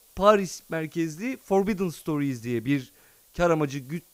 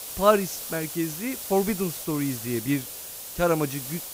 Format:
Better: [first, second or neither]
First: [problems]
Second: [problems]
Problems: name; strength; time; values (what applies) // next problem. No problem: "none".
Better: first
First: hiss; faint; throughout; 30 dB below the speech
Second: hiss; loud; throughout; 7 dB below the speech